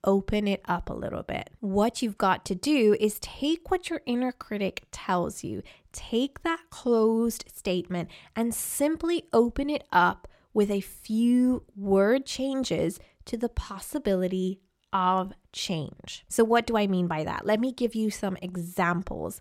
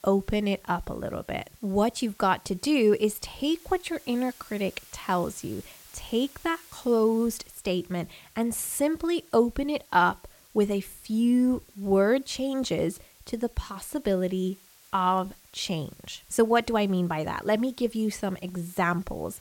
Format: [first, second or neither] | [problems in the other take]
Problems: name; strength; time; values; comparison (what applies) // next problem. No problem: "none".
first | hiss; faint; throughout; 25 dB below the speech